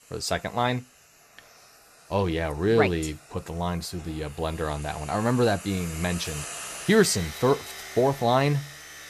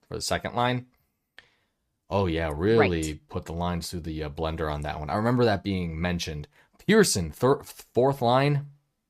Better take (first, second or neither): second